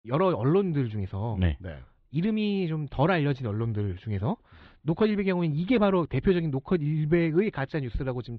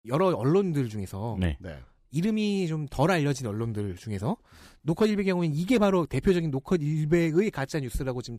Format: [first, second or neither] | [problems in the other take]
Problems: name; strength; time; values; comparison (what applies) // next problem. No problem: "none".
second | muffled; slightly; fading above 3.5 kHz